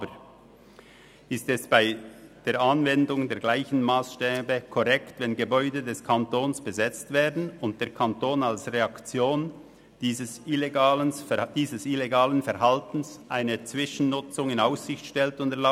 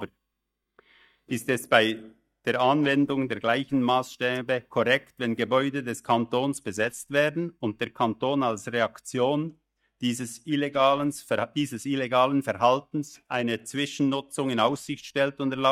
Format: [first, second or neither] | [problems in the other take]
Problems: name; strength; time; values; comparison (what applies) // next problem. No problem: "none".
first | noise reduction (neural mask model DeepFilterNet 3)